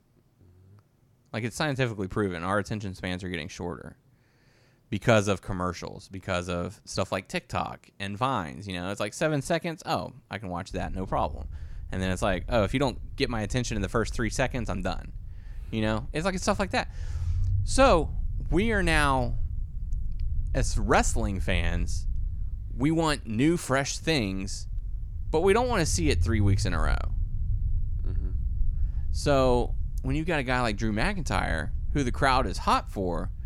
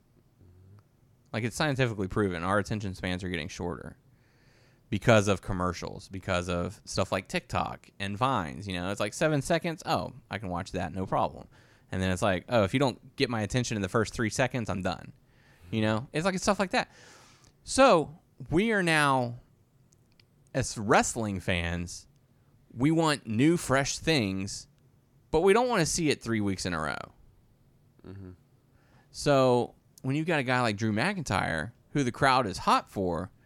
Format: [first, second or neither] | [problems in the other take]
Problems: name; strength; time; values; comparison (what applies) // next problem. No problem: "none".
second | low rumble; faint; from 11 s on; 25 dB below the speech